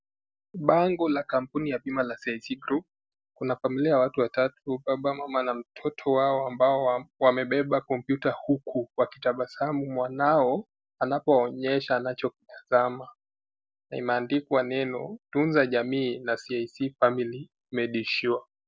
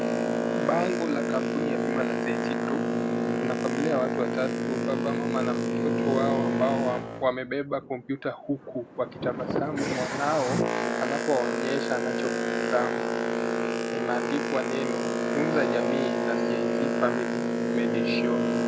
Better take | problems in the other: first | background sound (Boat, Water vehicle); 3 dB above the speech

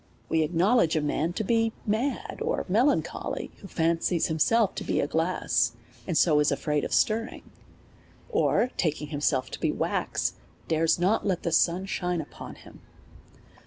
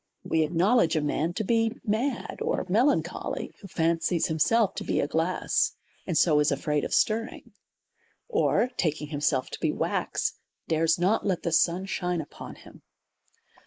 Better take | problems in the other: first | noise reduction (neural mask model Resemble Enhance denoiser)

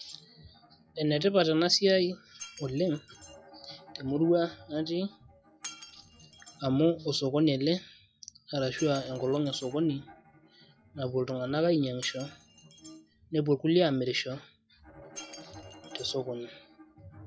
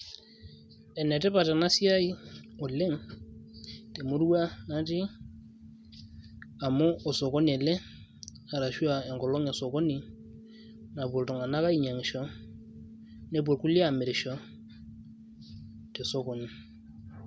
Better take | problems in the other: second | noise reduction (classical method log-MMSE)

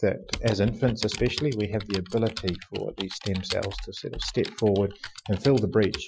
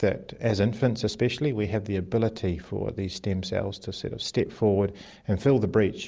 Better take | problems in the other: second | noise reduction (classical method Wiener filter)

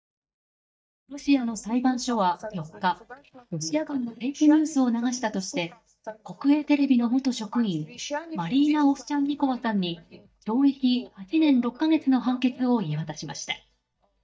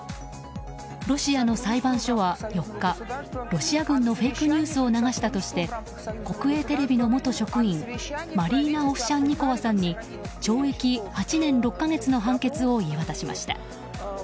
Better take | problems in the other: second | noise reduction (neural mask model DeepFilterNet 3)

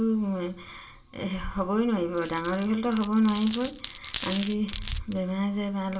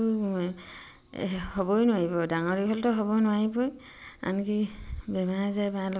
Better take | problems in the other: second | background sound (Glass); 13 dB below the speech // room echo; dies away in 0.2 s

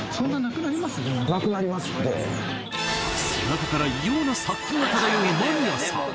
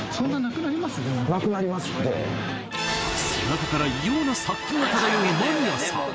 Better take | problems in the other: second | background sound (Bird); 19 dB below the speech

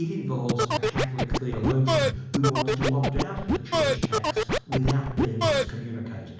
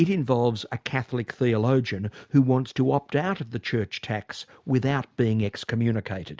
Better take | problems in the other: second | background sound (Scratching (performance technique)); 3 dB above the speech // room echo; dies away in 1 s

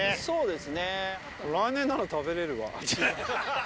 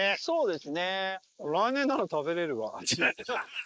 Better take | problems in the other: first | noise reduction (neural mask model Resemble Enhance denoiser)

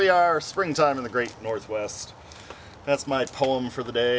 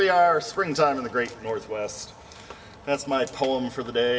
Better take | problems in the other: first | room echo; dies away in 1.4 s

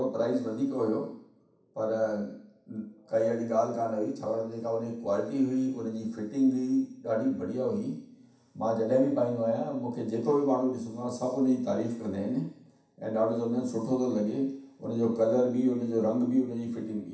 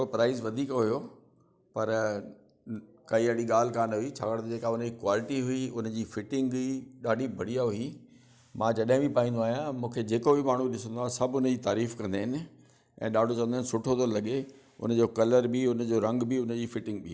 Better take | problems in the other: second | room echo; dies away in 0.7 s

